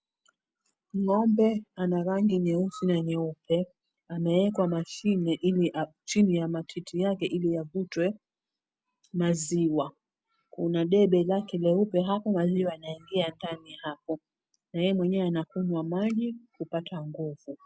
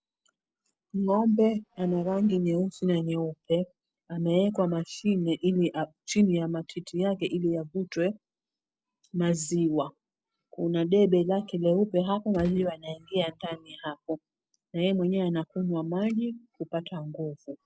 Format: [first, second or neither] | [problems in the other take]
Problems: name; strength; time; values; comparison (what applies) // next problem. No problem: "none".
first | noise reduction (neural separator model SepFormer DNS4)